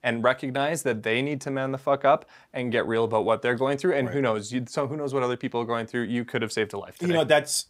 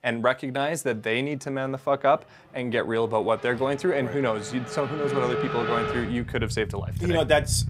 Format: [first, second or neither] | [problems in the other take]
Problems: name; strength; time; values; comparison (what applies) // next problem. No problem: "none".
first | traffic noise; loud; throughout; 6 dB below the speech